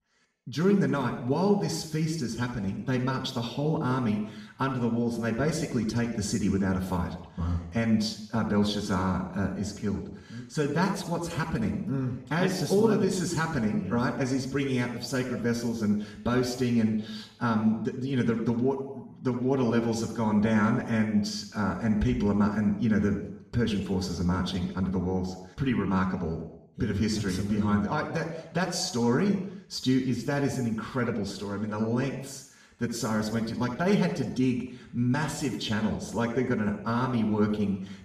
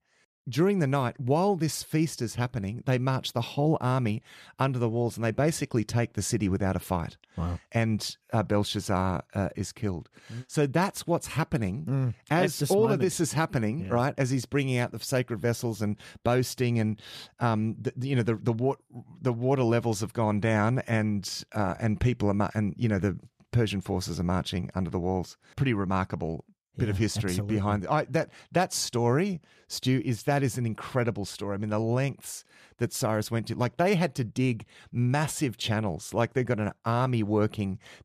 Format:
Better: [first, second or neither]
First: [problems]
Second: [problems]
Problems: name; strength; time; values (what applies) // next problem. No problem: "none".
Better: second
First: room echo; noticeable; dies away in 0.7 s // off-mic speech; far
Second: none